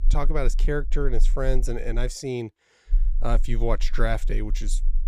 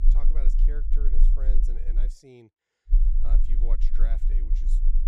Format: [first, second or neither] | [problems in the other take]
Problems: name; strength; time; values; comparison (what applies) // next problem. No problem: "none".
first | low rumble; loud; until 2 s and from 3 s on; 4 dB below the speech; faint in the first